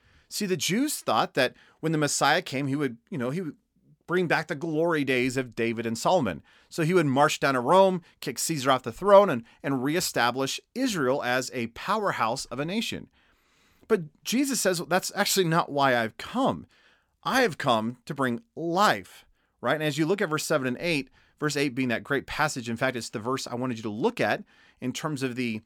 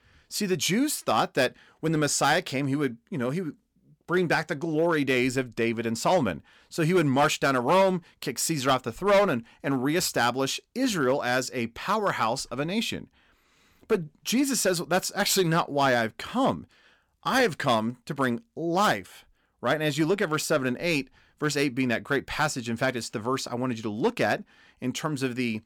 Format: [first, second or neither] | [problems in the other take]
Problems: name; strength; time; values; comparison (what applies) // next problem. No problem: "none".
first | distortion; slight; 3% of the sound clipped